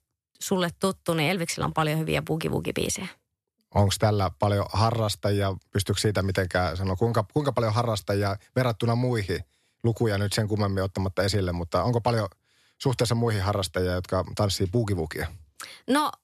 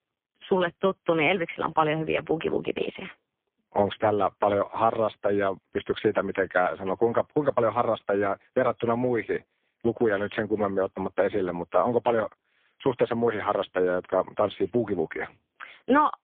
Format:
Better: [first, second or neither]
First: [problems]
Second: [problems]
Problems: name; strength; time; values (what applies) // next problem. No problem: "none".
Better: first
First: none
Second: phone-call audio; poor line